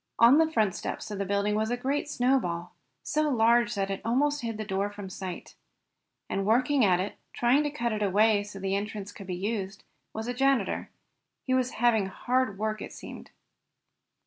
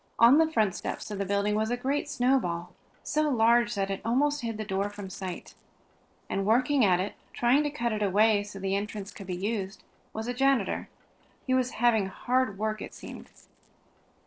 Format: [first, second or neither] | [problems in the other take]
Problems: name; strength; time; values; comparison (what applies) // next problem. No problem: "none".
first | noise reduction (neural separator model SepFormer DNS4)